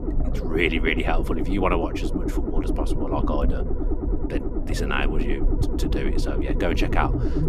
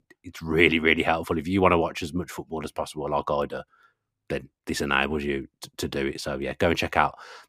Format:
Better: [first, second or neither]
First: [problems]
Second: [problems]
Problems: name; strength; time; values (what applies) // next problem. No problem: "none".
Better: second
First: low rumble; loud; throughout; 5 dB below the speech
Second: none